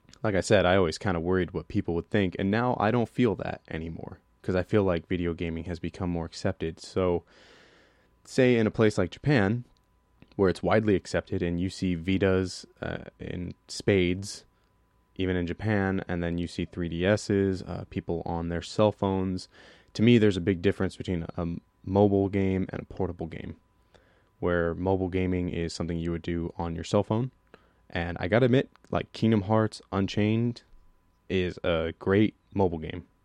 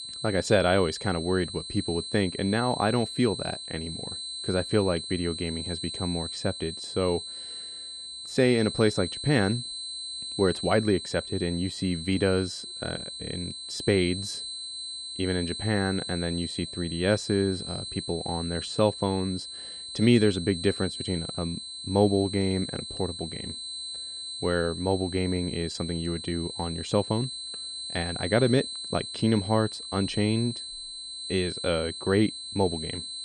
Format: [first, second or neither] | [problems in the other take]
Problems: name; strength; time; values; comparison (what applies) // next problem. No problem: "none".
first | high-pitched whine; loud; throughout; 4 kHz, 7 dB below the speech